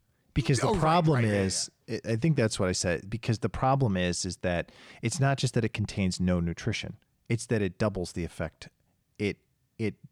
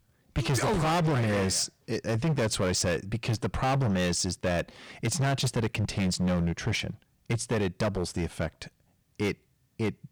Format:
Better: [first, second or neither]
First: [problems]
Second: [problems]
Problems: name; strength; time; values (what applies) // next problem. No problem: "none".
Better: first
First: none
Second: distortion; heavy; 17% of the sound clipped